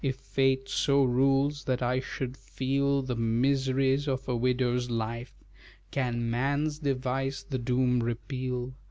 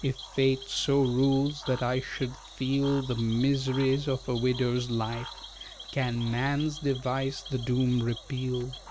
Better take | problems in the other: first | background sound (Cricket / Frog); 16 dB below the speech

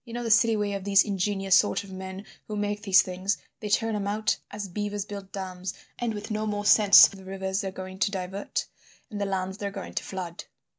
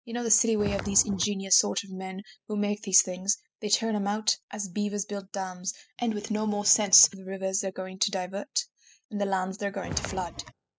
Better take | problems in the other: first | noise reduction (classical method spectral subtraction)

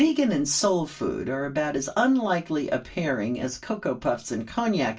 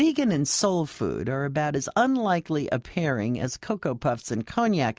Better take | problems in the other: second | room echo; dies away in 0.2 s

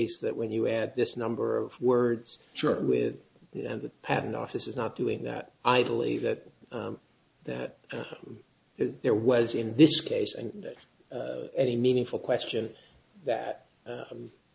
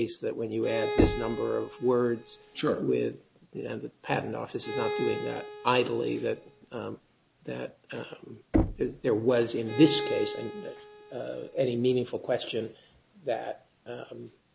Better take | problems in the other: first | background sound (Knock + Bowed string instrument); 4 dB below the speech

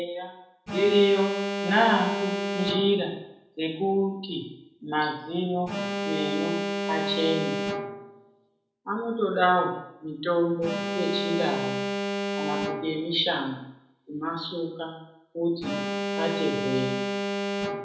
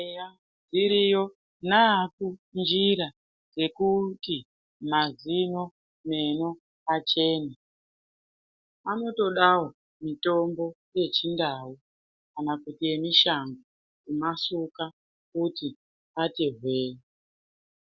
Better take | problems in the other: second | background sound (Alarm); 4 dB below the speech // room echo; dies away in 0.7 s

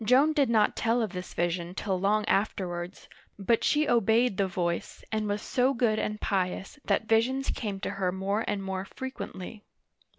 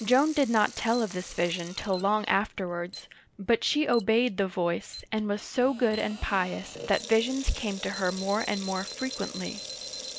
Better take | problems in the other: first | background sound (Sink (filling or washing) / Water tap, faucet + Alarm); 14 dB below the speech

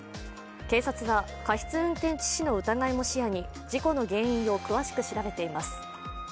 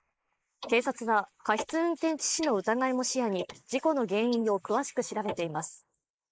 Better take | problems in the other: first | noise reduction (neural mask model Resemble Enhance denoiser)

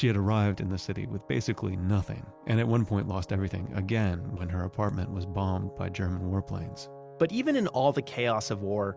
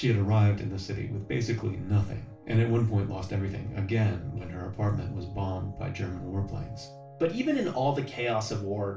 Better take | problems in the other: first | room echo; dies away in 0.3 s

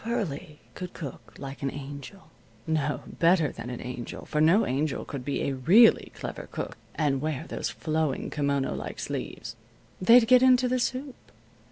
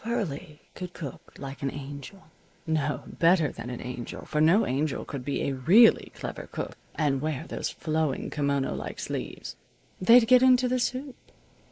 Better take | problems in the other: first | noise reduction (neural mask model Resemble Enhance denoiser)

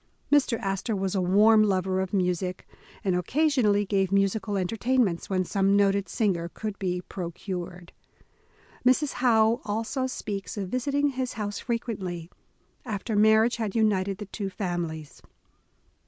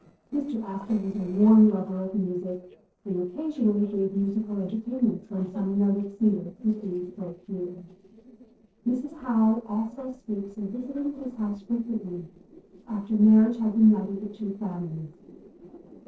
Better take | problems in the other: first | noise reduction (neural separator model SepFormer DNS4)

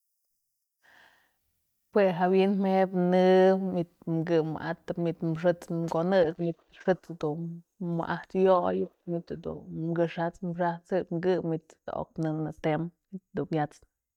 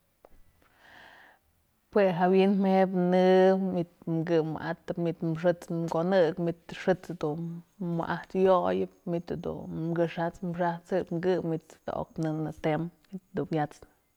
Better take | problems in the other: second | noise reduction (neural mask model DeepFilterNet 3)

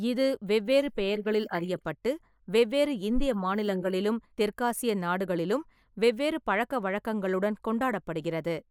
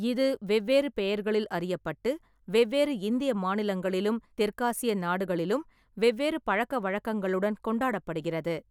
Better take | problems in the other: second | noise reduction (neural mask model Resemble Enhance denoiser)

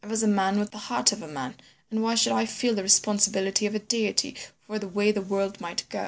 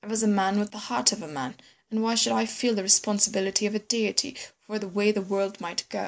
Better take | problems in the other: first | noise reduction (neural mask model Resemble Enhance denoiser)

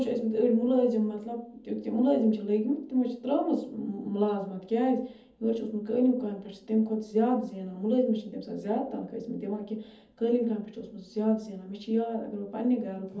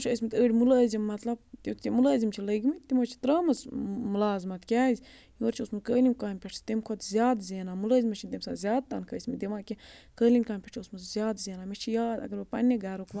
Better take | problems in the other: second | room echo; dies away in 0.7 s

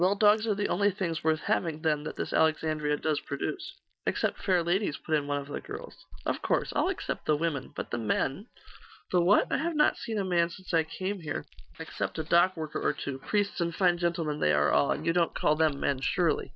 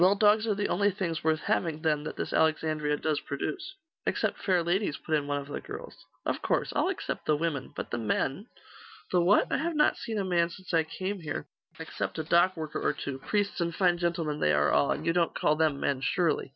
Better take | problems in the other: second | noise reduction (neural mask model DeepFilterNet 3)

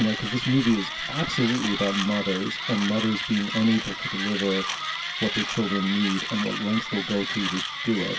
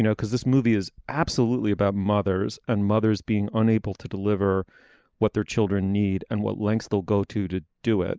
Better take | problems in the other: second | background sound (Mechanisms); 4 dB below the speech // room echo; dies away in 0.2 s

